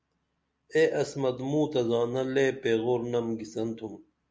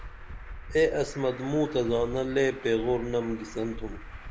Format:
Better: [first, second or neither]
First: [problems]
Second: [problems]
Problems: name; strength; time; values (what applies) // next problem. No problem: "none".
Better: first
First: none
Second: background sound (Traffic noise, roadway noise); 12 dB below the speech